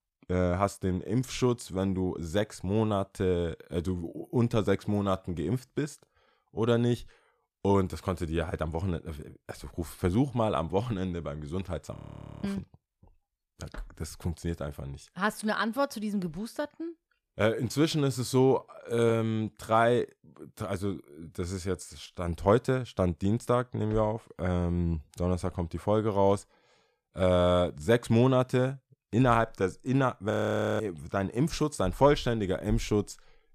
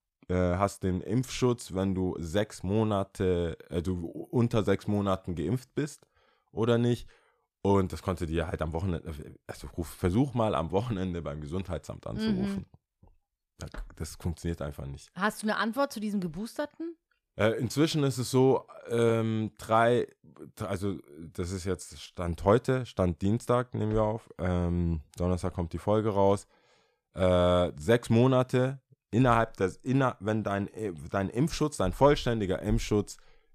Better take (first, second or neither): second